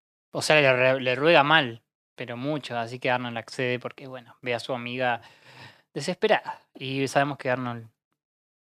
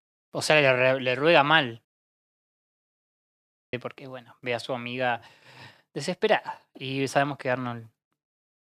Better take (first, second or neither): first